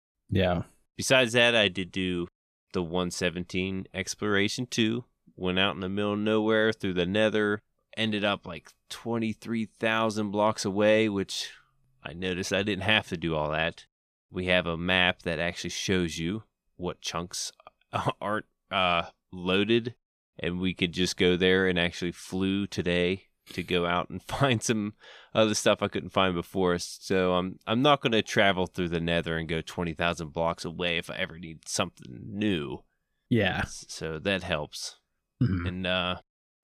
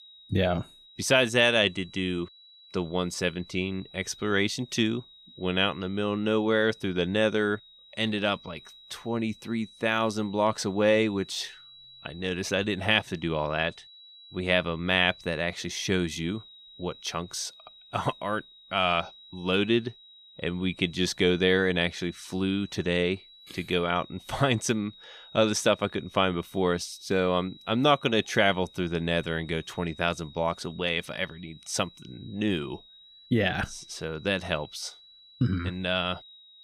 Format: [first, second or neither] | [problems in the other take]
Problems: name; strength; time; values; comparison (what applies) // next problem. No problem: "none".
first | high-pitched whine; faint; throughout; 4 kHz, 20 dB below the speech